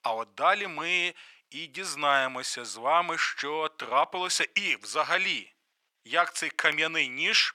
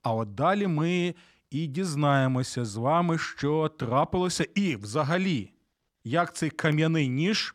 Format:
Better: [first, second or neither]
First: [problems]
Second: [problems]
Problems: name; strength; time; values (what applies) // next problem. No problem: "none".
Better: second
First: thin; very; fading below 800 Hz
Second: none